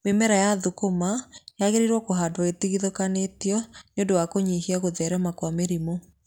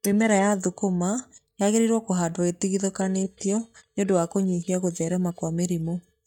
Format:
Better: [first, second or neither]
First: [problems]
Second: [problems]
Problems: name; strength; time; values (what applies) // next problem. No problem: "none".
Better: first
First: none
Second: noise reduction (neural mask model DeepFilterNet 3)